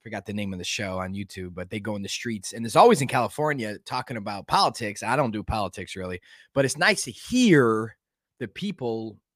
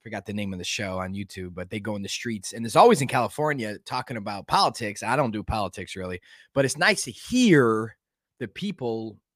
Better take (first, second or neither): neither